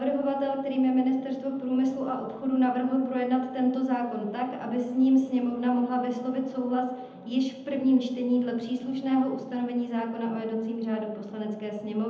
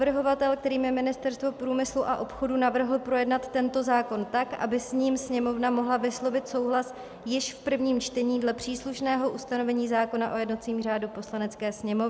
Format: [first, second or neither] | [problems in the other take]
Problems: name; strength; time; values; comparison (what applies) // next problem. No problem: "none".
second | room echo; dies away in 0.8 s